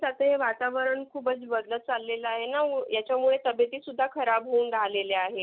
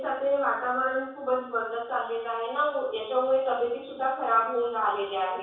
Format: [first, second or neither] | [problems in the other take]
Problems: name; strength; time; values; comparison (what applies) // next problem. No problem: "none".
first | room echo; dies away in 0.7 s